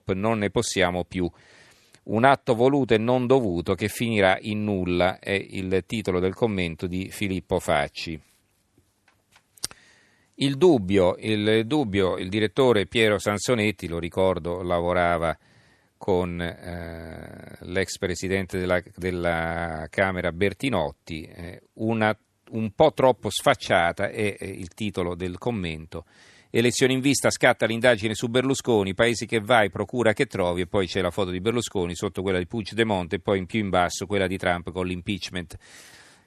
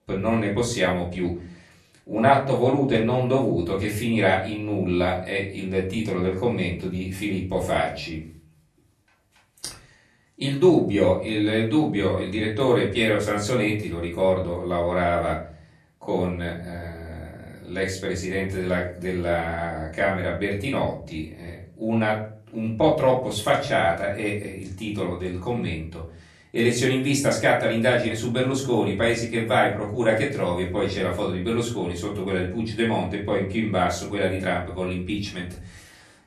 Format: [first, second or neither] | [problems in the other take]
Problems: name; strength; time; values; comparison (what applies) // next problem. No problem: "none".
first | off-mic speech; far // room echo; slight; dies away in 0.4 s